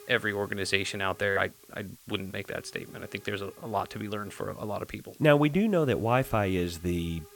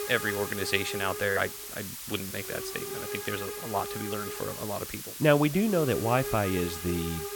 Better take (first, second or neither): first